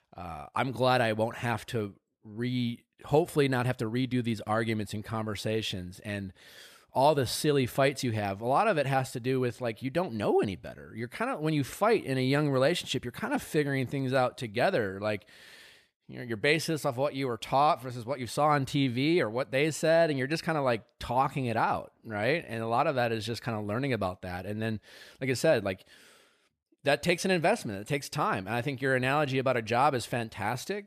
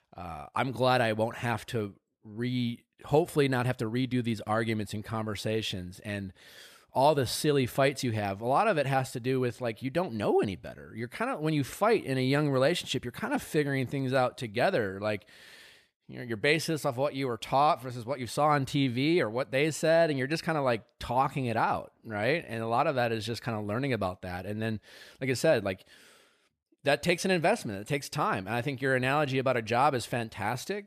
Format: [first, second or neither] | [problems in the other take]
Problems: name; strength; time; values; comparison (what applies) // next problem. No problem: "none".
neither | none